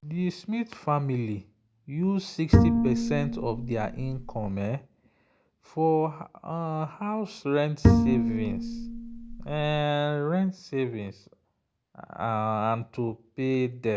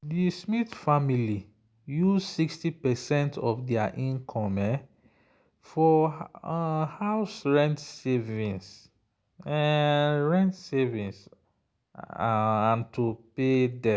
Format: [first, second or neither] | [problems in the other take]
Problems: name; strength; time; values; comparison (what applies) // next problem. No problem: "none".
second | background sound (Bowed string instrument); 4 dB above the speech